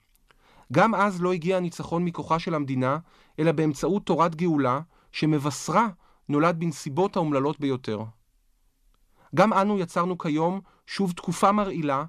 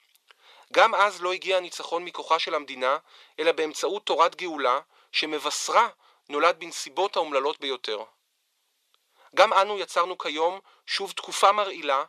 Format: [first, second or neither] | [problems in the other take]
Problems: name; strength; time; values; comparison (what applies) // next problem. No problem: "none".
first | thin; very; fading below 450 Hz